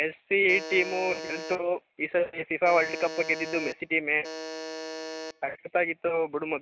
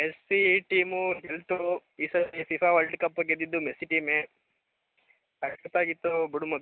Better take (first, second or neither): second